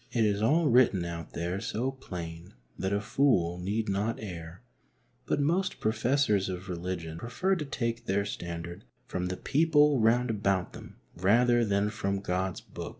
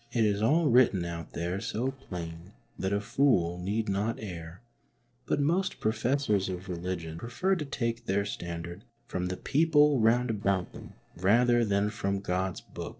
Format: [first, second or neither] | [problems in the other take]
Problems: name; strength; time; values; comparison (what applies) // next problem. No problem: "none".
first | noise reduction (neural separator model SepFormer DNS4)